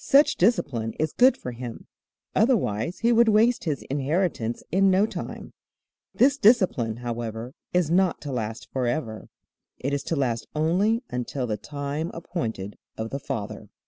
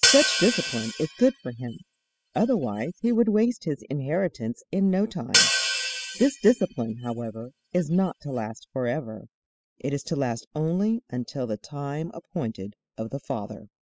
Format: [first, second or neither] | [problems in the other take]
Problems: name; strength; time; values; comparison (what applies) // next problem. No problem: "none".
first | noise reduction (classical method spectral subtraction)